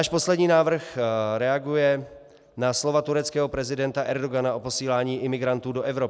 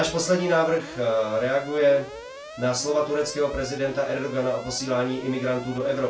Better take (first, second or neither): first